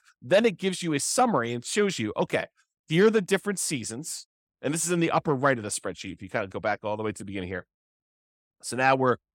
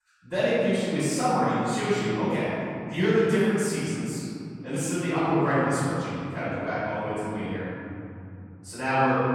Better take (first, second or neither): first